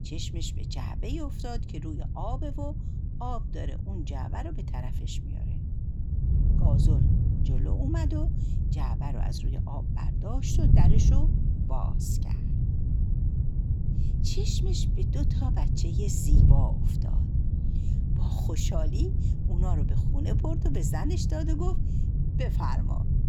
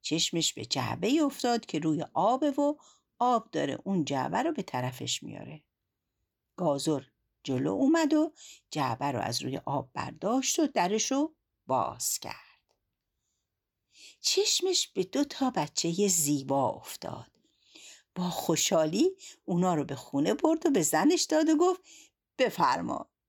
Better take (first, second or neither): second